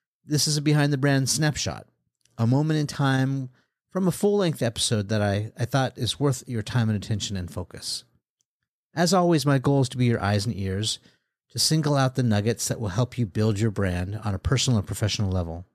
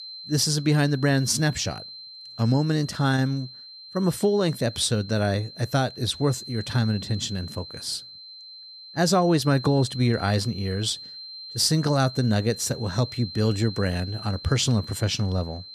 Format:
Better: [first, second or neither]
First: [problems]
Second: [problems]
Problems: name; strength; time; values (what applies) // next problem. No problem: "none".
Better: first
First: none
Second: high-pitched whine; noticeable; throughout; 4 kHz, 15 dB below the speech